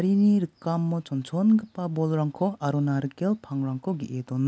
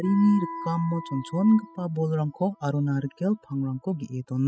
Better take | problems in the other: first | noise reduction (classical method spectral subtraction)

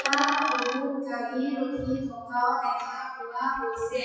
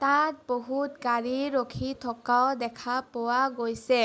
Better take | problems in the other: second | noise reduction (classical method WPE with log-MMSE)

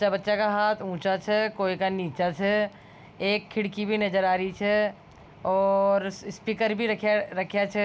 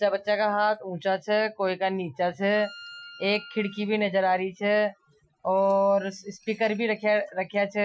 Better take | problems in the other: first | noise reduction (classical method Wiener filter)

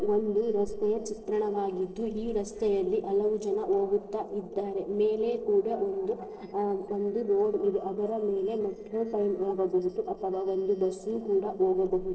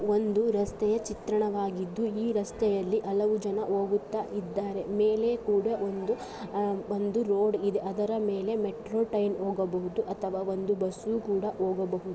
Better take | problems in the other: second | noise reduction (neural separator model SepFormer DNS4)

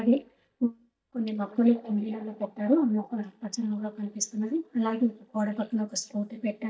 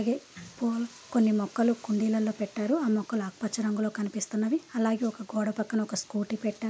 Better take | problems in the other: second | noise reduction (neural mask model DeepFilterNet 3)

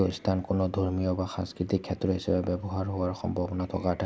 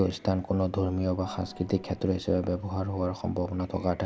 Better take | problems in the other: first | background sound (Gong); 18 dB below the speech

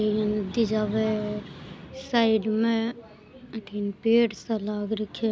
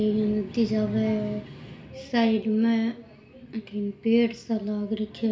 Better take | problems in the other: first | room echo; dies away in 0.4 s

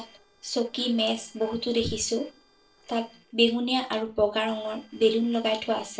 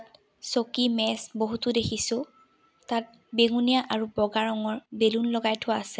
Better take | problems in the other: second | noise reduction (neural separator model SepFormer DNS4)

